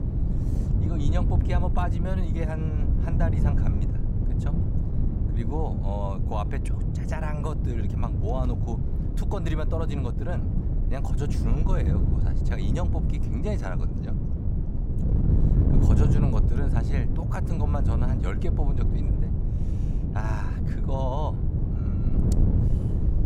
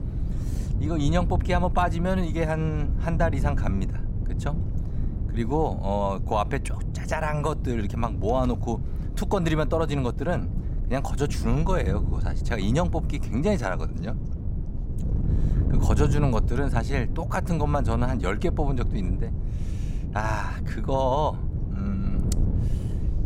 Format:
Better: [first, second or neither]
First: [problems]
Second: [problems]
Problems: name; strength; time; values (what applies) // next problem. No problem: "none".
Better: second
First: wind noise on the microphone; heavy; 2 dB below the speech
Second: wind noise on the microphone; occasional gusts; 15 dB below the speech